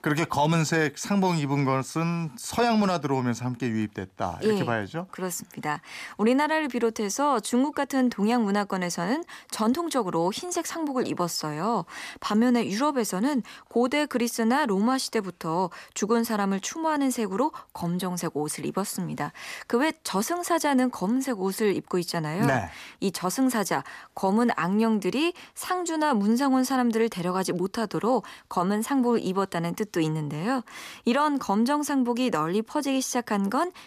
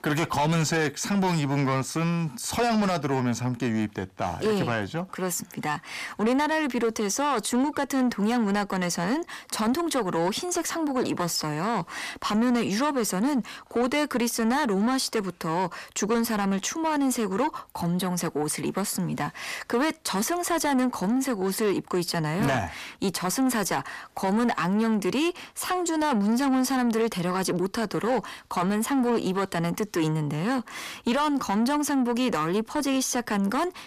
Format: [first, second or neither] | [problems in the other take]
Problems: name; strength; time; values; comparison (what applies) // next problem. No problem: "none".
first | distortion; slight; 10 dB below the speech